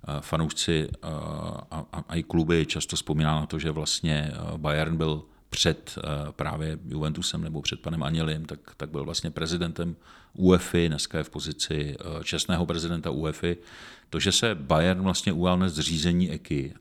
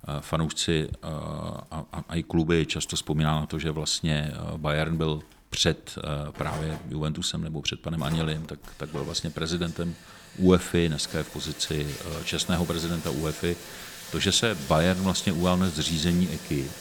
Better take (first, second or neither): first